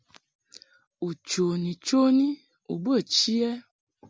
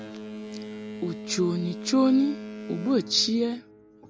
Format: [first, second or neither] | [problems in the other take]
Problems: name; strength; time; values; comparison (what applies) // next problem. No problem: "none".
first | background sound (Boat, Water vehicle); 11 dB below the speech